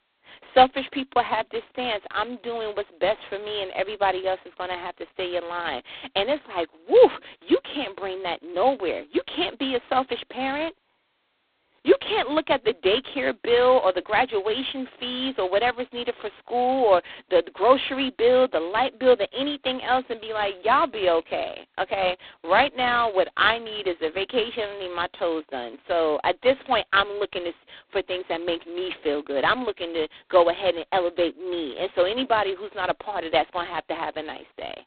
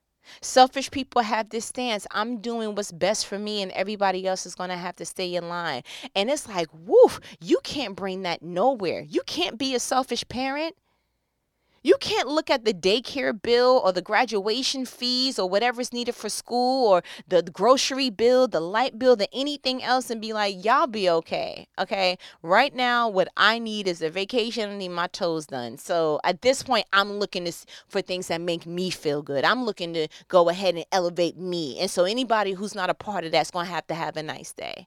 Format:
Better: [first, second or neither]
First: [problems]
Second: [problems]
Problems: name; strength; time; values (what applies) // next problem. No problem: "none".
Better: second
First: phone-call audio; poor line; nothing above 3.5 kHz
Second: none